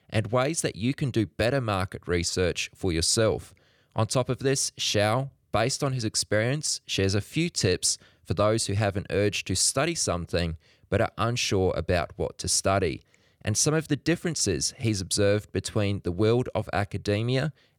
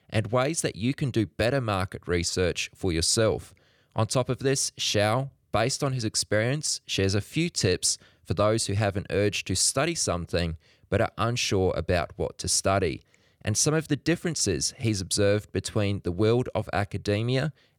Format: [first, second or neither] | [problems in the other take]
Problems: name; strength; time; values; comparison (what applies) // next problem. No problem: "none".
neither | none